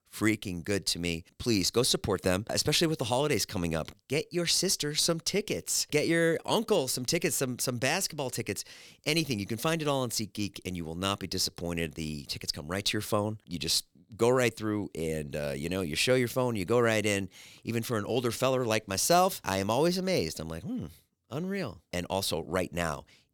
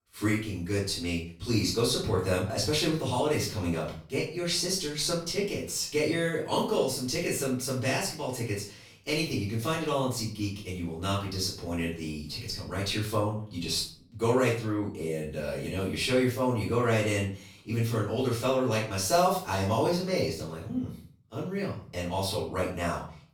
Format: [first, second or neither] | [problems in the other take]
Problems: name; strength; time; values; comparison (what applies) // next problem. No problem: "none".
first | off-mic speech; far // room echo; noticeable; dies away in 0.4 s